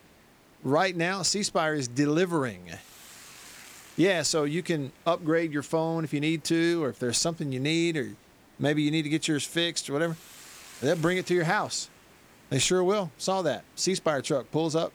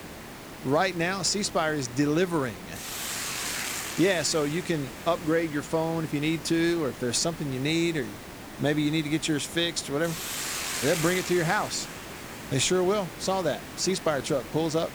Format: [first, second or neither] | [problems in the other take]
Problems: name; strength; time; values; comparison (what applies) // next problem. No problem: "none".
first | hiss; loud; throughout; 9 dB below the speech; faint in the first